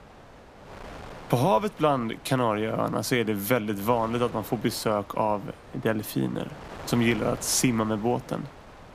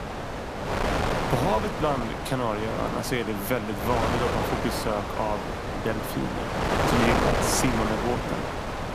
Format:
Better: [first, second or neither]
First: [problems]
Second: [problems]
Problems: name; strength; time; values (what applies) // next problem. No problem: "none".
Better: first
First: wind noise on the microphone; occasional gusts; 15 dB below the speech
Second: wind noise on the microphone; heavy; 2 dB above the speech